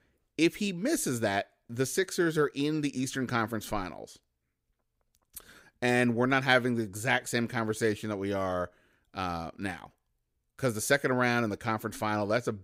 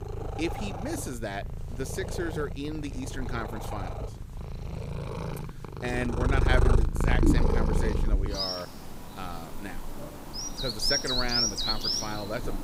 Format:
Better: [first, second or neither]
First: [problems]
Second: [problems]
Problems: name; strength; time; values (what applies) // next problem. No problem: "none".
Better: first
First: none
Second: animal sounds; very loud; throughout; 5 dB above the speech